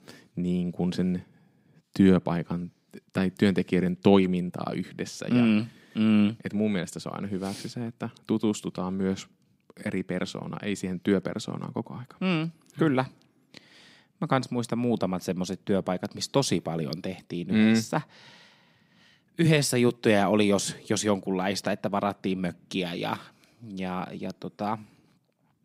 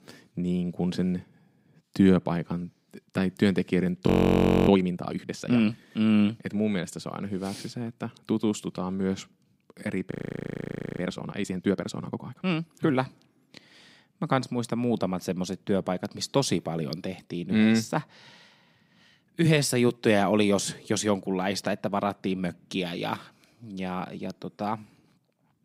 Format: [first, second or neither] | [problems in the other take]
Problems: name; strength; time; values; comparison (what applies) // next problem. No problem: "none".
first | audio freezing; at 4 s for 0.5 s and at 10 s for 1 s